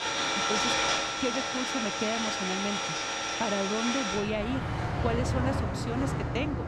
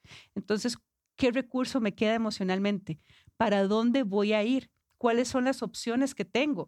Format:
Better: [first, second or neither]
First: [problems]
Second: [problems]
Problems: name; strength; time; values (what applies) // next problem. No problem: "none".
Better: second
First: traffic noise; very loud; throughout; 4 dB above the speech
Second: none